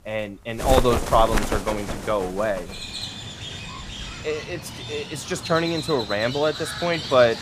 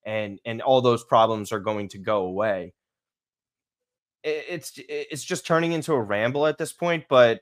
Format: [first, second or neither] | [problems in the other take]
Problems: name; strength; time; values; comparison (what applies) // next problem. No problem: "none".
second | animal sounds; loud; throughout; 6 dB below the speech